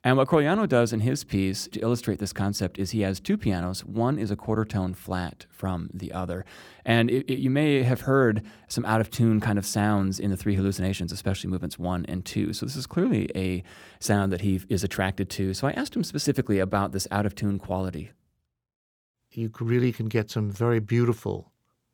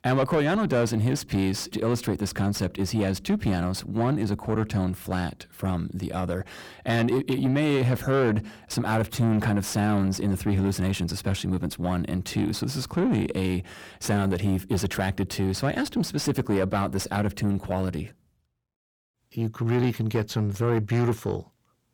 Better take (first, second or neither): first